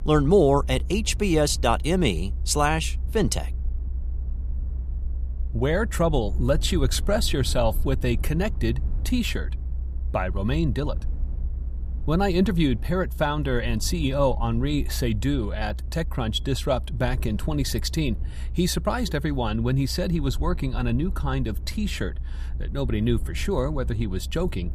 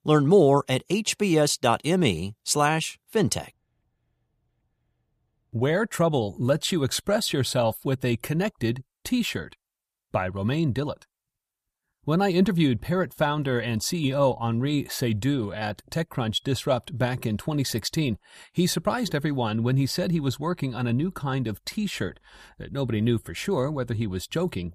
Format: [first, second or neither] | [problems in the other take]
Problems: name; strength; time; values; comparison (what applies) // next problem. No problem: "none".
second | low rumble; faint; throughout; 25 dB below the speech